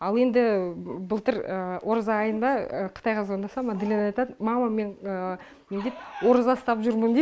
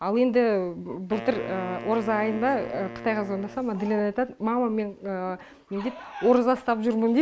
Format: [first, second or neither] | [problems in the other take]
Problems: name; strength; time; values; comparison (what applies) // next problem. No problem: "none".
first | background sound (Wind instrument, woodwind instrument); 14 dB below the speech